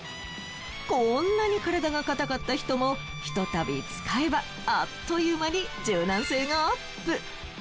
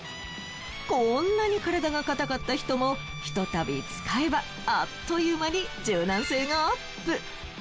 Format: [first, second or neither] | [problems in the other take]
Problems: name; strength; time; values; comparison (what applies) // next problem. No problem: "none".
second | background sound (Wind instrument, woodwind instrument); 16 dB below the speech